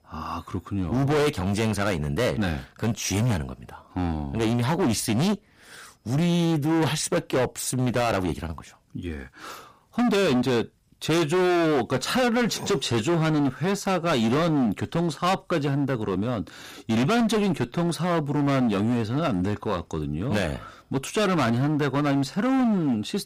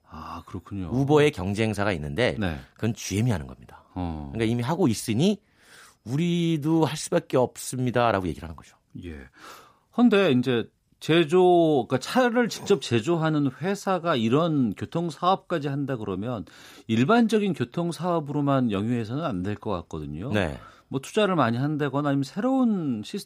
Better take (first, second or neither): second